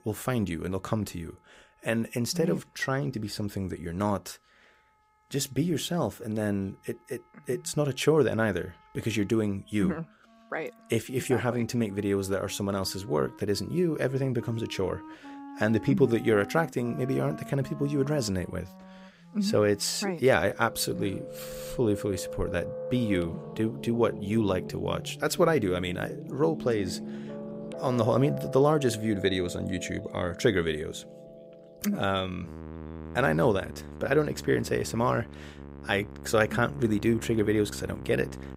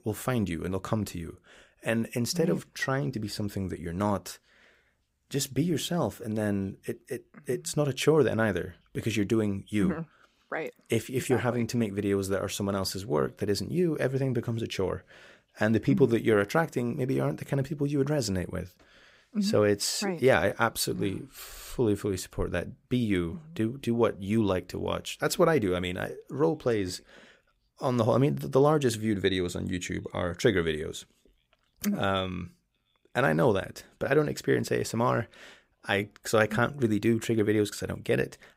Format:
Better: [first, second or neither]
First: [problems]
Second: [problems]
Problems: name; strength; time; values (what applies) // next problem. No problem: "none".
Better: second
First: background music; noticeable; throughout; 15 dB below the speech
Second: none